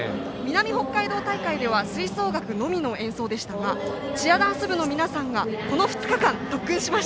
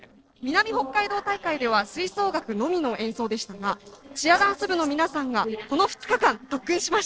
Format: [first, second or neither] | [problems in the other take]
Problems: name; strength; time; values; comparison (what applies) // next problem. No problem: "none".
first | noise reduction (neural separator model SepFormer DNS4)